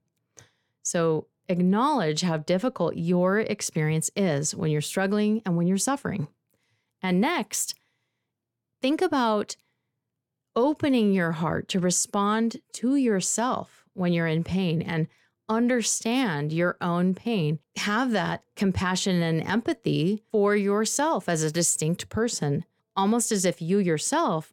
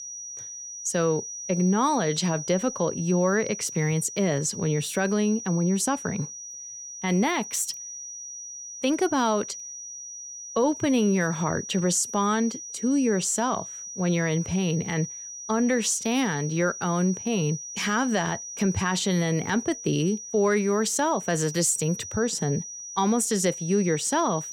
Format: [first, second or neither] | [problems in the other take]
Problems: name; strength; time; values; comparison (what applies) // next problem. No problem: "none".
first | high-pitched whine; loud; throughout; 6 kHz, 10 dB below the speech